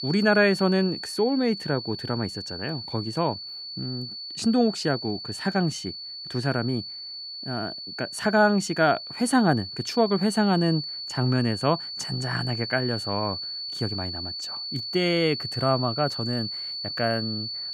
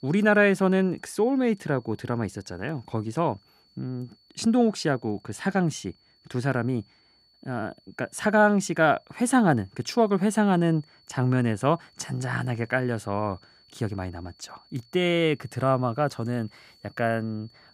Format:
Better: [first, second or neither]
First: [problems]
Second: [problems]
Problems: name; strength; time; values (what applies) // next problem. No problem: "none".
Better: second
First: high-pitched whine; loud; throughout; 4.5 kHz, 7 dB below the speech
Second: high-pitched whine; faint; throughout; 4.5 kHz, 30 dB below the speech